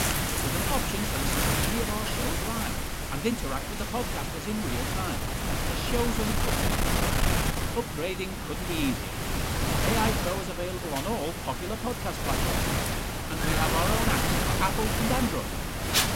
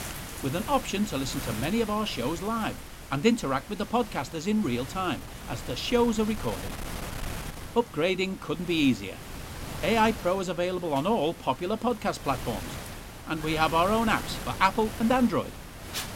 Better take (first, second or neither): second